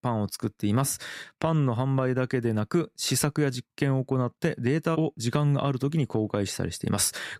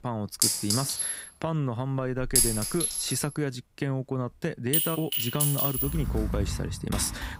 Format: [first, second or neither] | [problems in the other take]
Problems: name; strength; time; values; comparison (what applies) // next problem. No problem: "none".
first | household noises; very loud; throughout; 4 dB above the speech